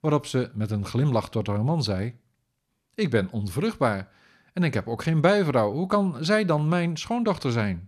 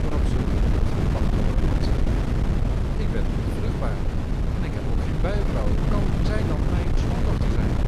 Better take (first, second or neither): first